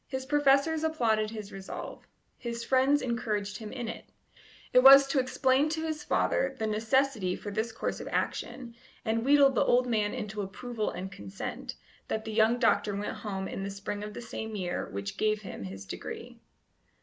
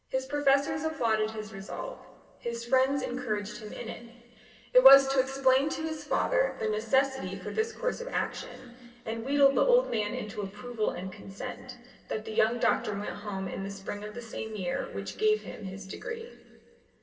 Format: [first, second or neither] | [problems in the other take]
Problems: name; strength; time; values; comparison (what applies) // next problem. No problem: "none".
first | room echo; dies away in 2.2 s